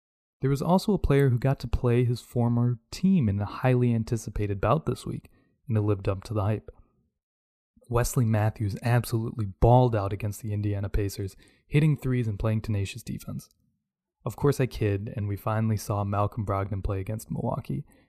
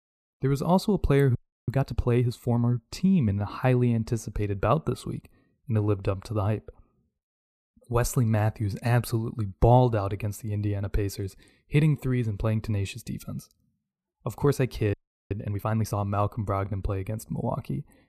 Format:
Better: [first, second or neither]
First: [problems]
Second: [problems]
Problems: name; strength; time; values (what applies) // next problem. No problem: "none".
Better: first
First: none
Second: audio freezing; at 1.5 s and at 15 s